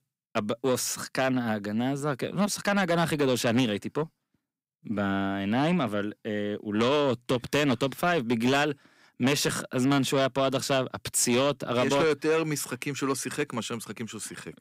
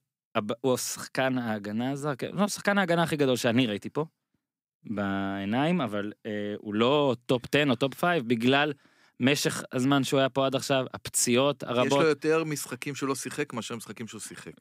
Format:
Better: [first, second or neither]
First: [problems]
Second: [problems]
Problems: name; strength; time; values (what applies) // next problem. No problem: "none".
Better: second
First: distortion; slight; 10 dB below the speech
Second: none